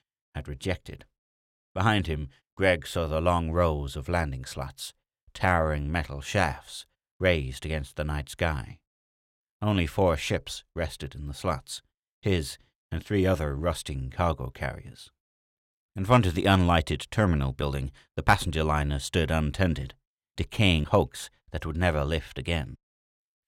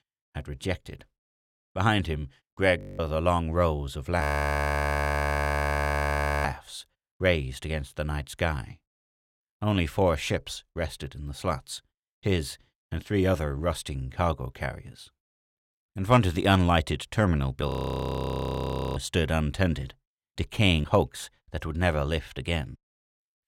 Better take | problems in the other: first | audio freezing; at 3 s, at 4 s for 2 s and at 18 s for 1.5 s

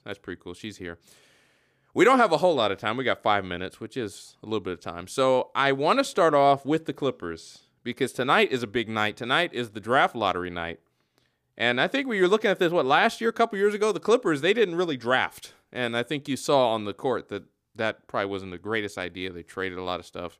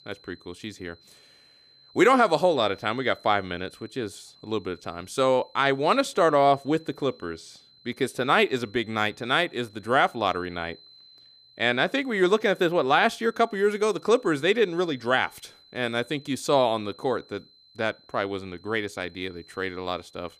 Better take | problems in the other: first | high-pitched whine; faint; throughout; 4 kHz, 30 dB below the speech

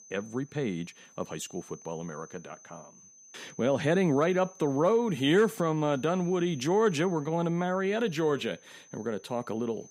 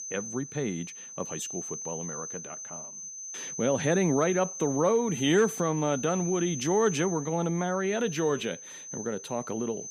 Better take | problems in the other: first | high-pitched whine; loud; throughout; 6 kHz, 9 dB below the speech; faint in the first

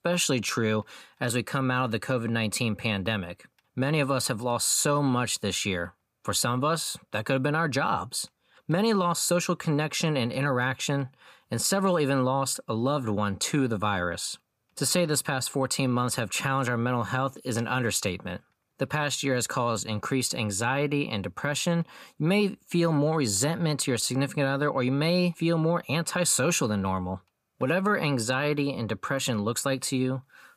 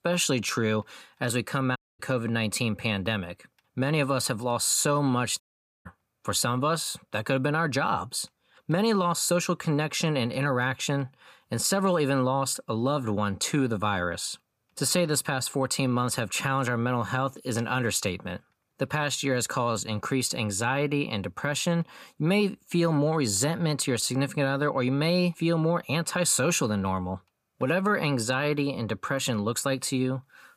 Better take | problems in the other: first | audio cutting out; at 2 s and at 5.5 s

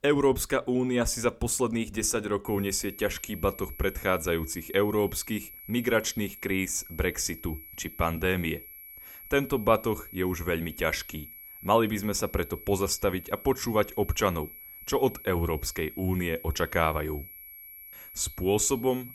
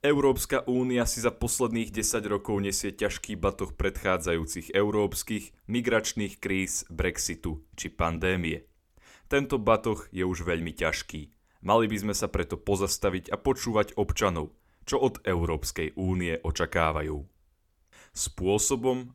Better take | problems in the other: second | high-pitched whine; noticeable; from 2.5 s on; 11.5 kHz, 15 dB below the speech

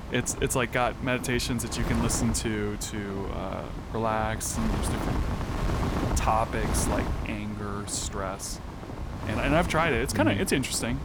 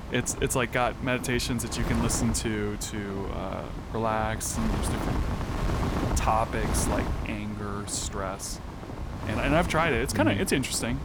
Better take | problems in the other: neither | wind noise on the microphone; heavy; 8 dB below the speech; the same in both

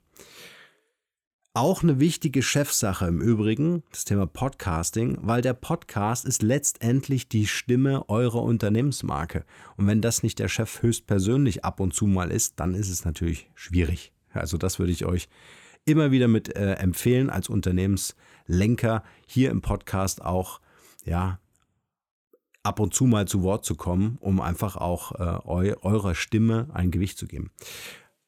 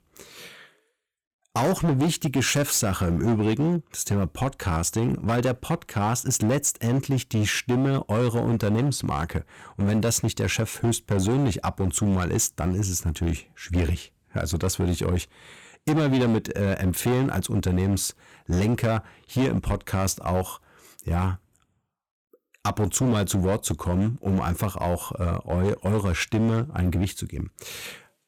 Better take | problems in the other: first | distortion; slight; 12% of the sound clipped

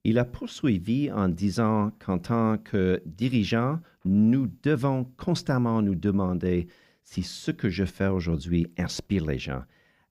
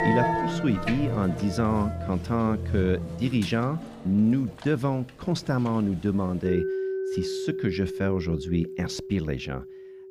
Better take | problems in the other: first | background music; loud; throughout; 5 dB below the speech

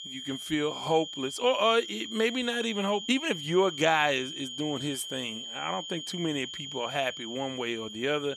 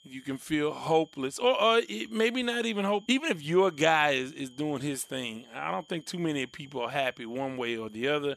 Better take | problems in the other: second | high-pitched whine; loud; throughout; 3 kHz, 8 dB below the speech; faint in the second

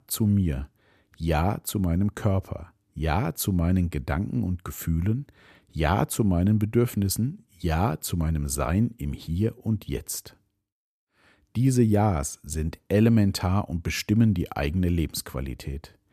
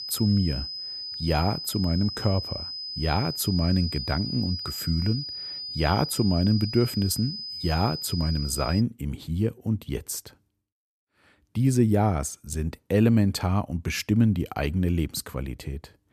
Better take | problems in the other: first | high-pitched whine; loud; until 9 s; 5 kHz, 6 dB below the speech

